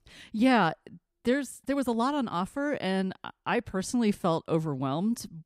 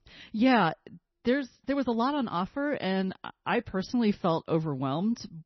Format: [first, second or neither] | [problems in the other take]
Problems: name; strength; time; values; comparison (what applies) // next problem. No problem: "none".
first | garbled, watery; slightly; nothing above 6 kHz